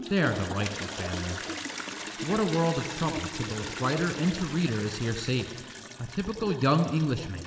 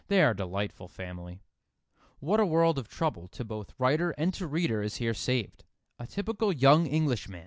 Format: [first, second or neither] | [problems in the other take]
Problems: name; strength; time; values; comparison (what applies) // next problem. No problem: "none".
second | background sound (Toilet flush); 8 dB below the speech // room echo; dies away in 3 s